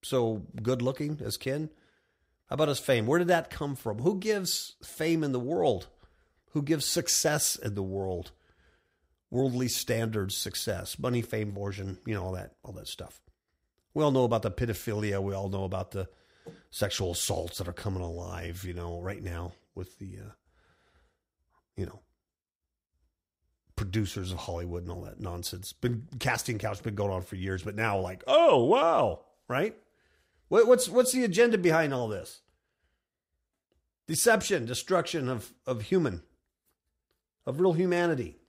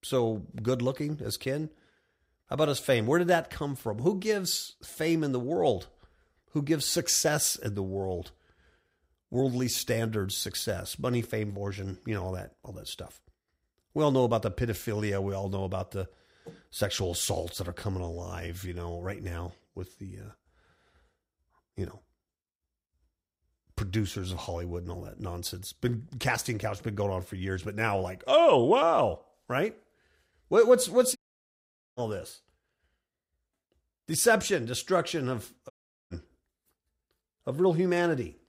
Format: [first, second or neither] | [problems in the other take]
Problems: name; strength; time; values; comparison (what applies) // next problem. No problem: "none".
first | audio cutting out; at 31 s for 1 s and at 36 s